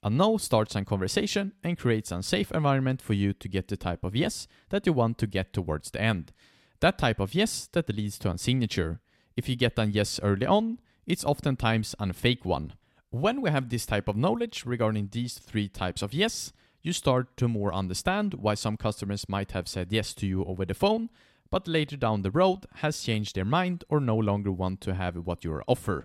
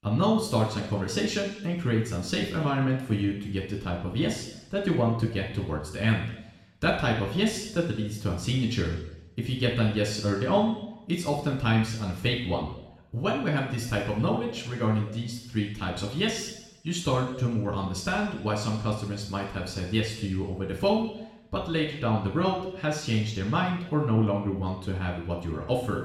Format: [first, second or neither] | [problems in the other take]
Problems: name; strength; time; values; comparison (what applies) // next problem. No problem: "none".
first | room echo; noticeable; dies away in 0.8 s // off-mic speech; far